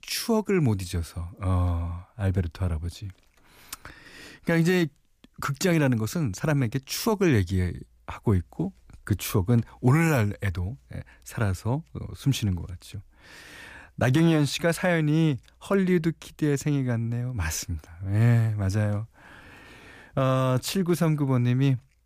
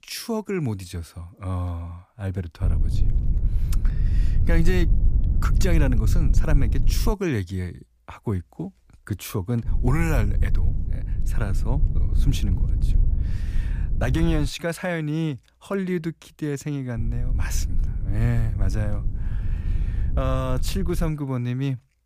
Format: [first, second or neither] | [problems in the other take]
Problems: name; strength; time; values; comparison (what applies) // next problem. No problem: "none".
first | low rumble; noticeable; from 2.5 to 7 s, from 9.5 to 14 s and from 17 to 21 s; 10 dB below the speech